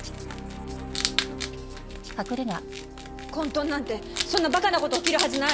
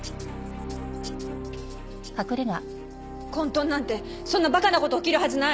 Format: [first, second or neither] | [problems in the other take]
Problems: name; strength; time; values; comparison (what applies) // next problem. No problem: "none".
second | background sound (Wild animals); 5 dB below the speech